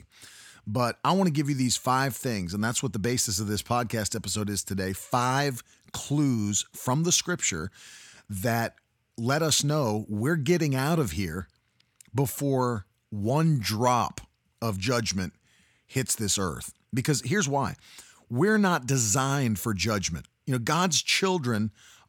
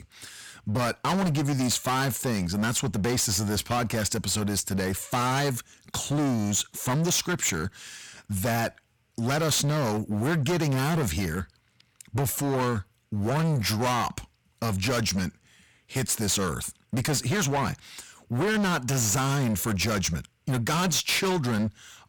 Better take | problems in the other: first | distortion; heavy; 22% of the sound clipped

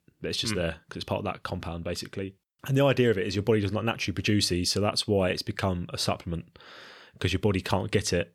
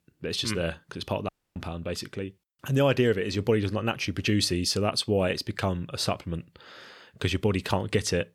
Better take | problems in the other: first | audio cutting out; at 1.5 s

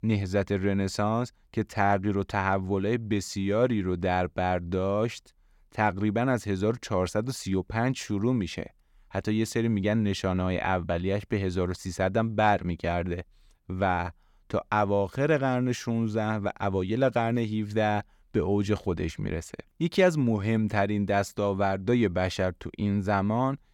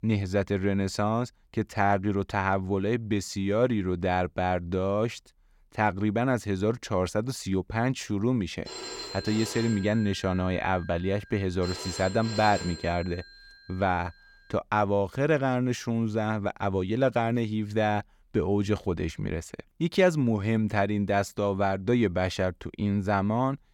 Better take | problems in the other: first | phone ringing; noticeable; from 8.5 to 14 s; peak 8 dB below the speech

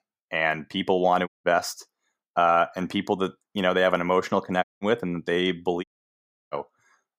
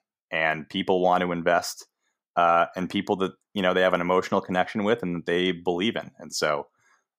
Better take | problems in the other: second | audio cutting out; at 1.5 s, at 4.5 s and at 6 s for 0.5 s

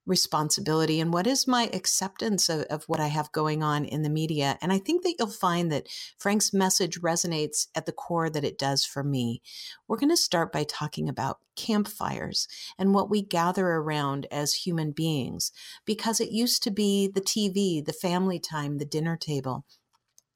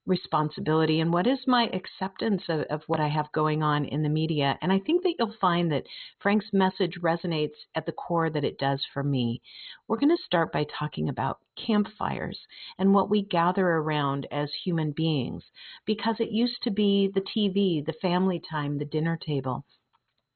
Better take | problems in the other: first | garbled, watery; badly; nothing above 4 kHz

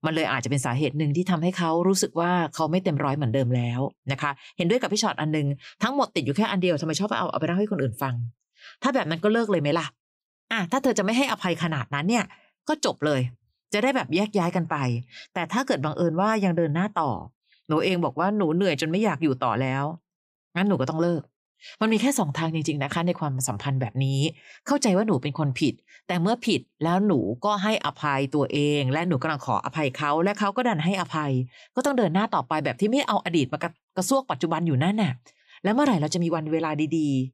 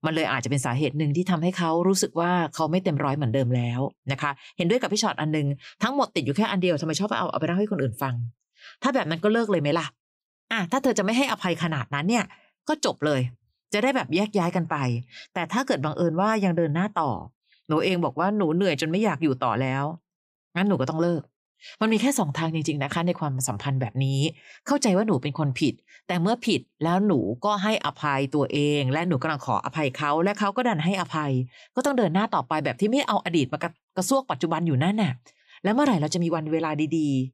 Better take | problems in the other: neither | none

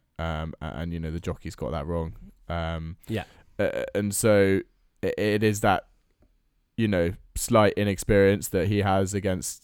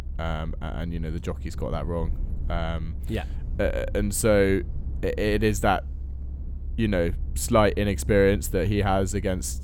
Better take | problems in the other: first | low rumble; faint; throughout; 25 dB below the speech

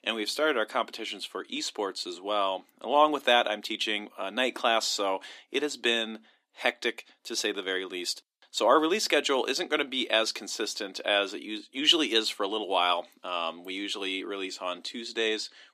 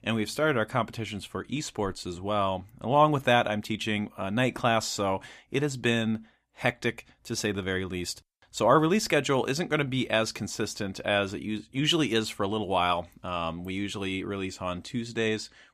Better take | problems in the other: second | thin; somewhat; fading below 300 Hz

